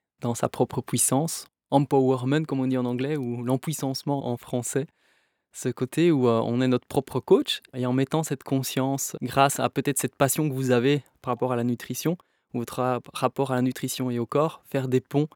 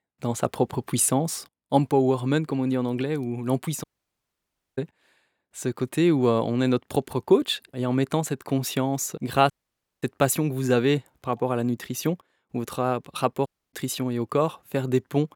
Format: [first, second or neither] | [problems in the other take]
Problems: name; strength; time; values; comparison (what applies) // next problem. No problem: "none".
first | audio cutting out; at 4 s for 1 s, at 9.5 s for 0.5 s and at 13 s